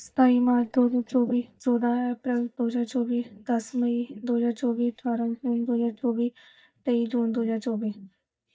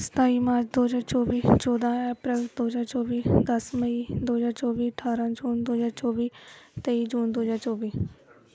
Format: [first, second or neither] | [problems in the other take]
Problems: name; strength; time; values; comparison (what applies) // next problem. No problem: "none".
second | noise reduction (neural mask model DeepFilterNet 3)